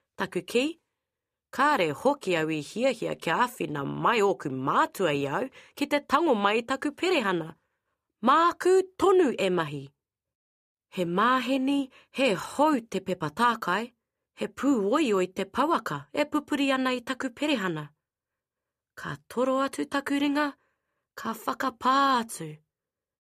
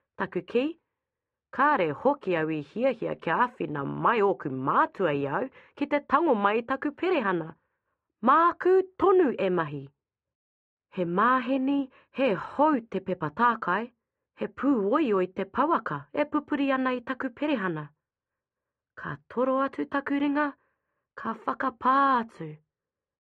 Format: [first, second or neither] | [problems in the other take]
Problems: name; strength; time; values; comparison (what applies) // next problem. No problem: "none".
first | muffled; very; fading above 1.5 kHz